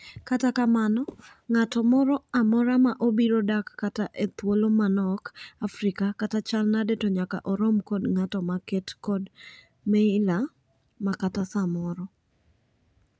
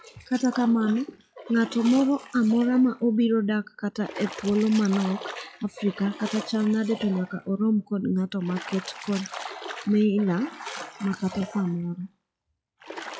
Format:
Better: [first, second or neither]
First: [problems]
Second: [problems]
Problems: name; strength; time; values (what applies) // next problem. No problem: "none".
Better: first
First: none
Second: noise reduction (classical method log-MMSE)